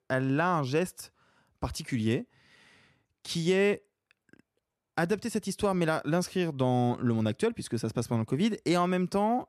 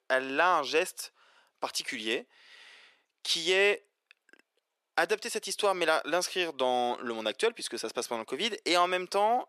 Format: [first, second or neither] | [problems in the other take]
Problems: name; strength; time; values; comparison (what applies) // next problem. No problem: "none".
first | thin; very; fading below 450 Hz